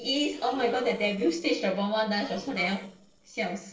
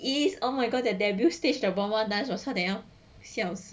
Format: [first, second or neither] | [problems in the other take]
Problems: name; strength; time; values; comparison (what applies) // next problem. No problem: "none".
second | noise reduction (neural separator model SepFormer DNS4)